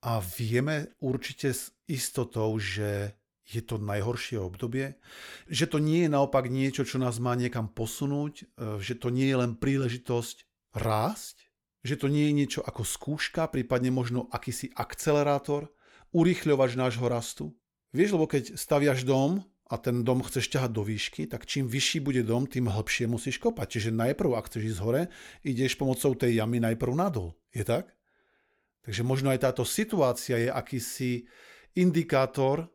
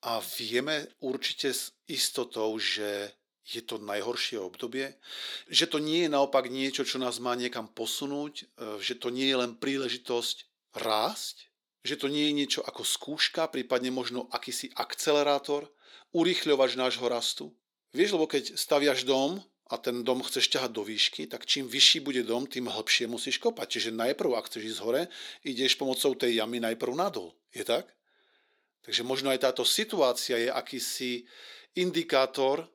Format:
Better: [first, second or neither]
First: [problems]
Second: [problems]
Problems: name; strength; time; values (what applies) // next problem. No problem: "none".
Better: first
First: none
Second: thin; somewhat; fading below 300 Hz